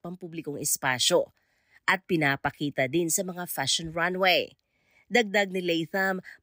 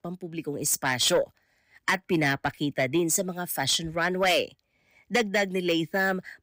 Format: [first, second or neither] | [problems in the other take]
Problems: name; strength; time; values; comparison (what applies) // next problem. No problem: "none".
first | distortion; slight; 10 dB below the speech